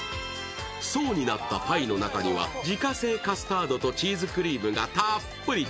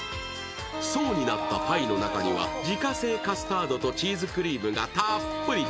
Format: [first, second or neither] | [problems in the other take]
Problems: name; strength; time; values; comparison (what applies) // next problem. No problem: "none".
first | background sound (Wind instrument, woodwind instrument); 6 dB below the speech